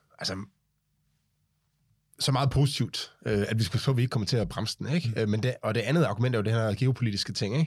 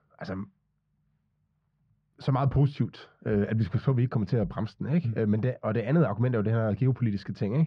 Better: first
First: none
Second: muffled; very; fading above 1.5 kHz

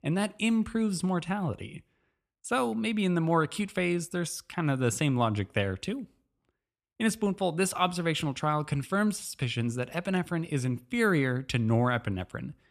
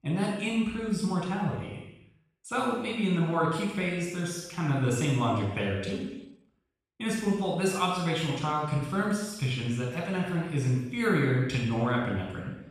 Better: first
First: none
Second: room echo; strong; dies away in 0.9 s // off-mic speech; far

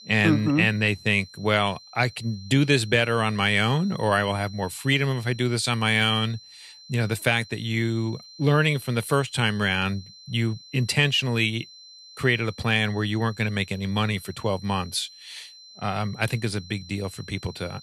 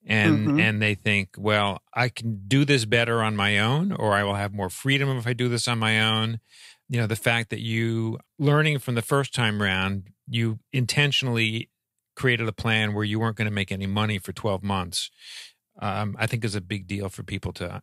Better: second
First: high-pitched whine; faint; throughout; 4 kHz, 20 dB below the speech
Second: none

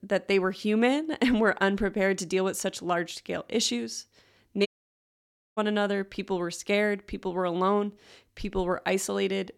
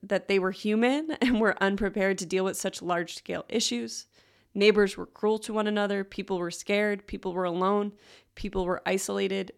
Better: second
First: audio cutting out; at 4.5 s for 1 s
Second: none

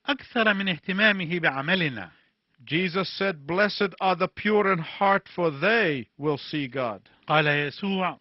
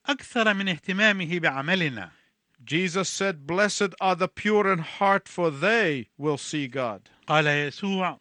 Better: second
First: garbled, watery; badly; nothing above 5.5 kHz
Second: none

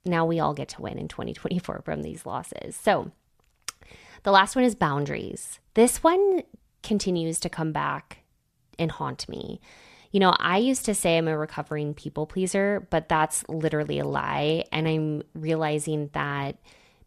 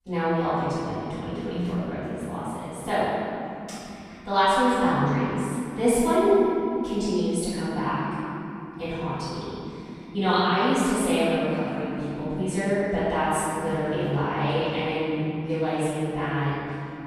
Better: first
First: none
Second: off-mic speech; far // room echo; strong; dies away in 3 s

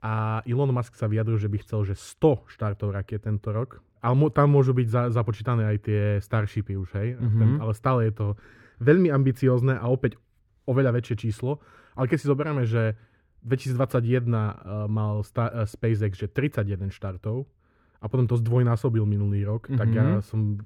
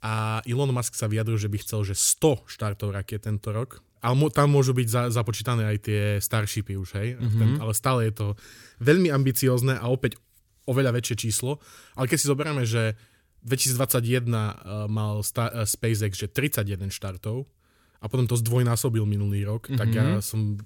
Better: second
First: muffled; very; fading above 3.5 kHz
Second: none

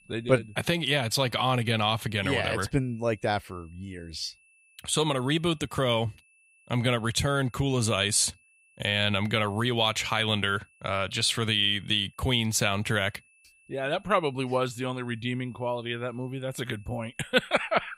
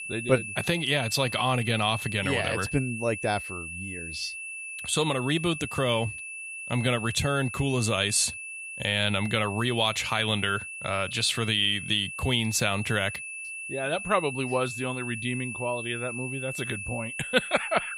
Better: first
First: high-pitched whine; faint; throughout; 2.5 kHz, 30 dB below the speech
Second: high-pitched whine; loud; throughout; 2.5 kHz, 8 dB below the speech

